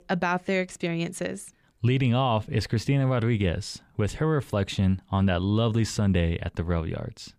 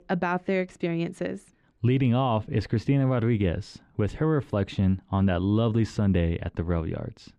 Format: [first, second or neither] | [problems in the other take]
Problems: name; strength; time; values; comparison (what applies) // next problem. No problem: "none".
first | muffled; slightly; fading above 2 kHz